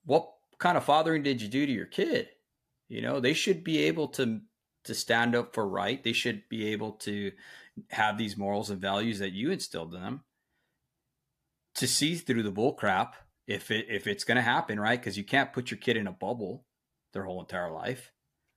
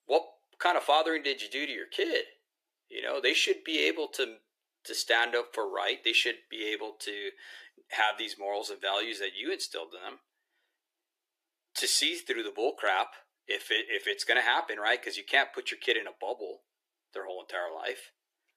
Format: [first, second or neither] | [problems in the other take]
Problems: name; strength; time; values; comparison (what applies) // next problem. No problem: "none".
first | thin; very; fading below 350 Hz